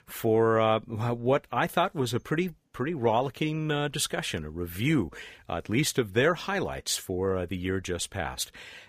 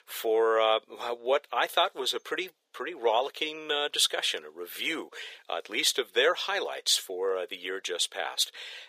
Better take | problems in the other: first | thin; very; fading below 450 Hz

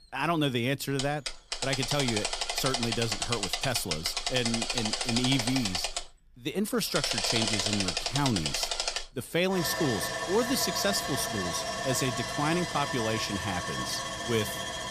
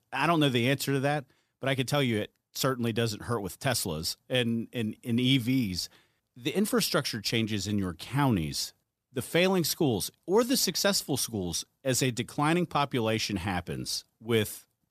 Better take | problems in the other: second | machinery noise; loud; throughout; as loud as the speech

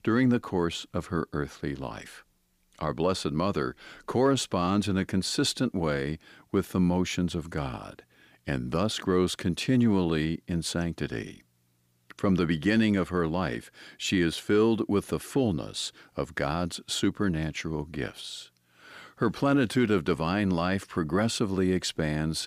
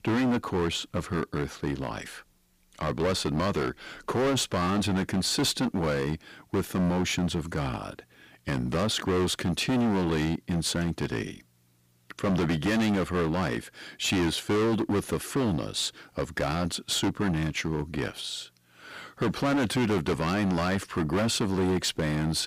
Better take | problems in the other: first | distortion; heavy; 18% of the sound clipped

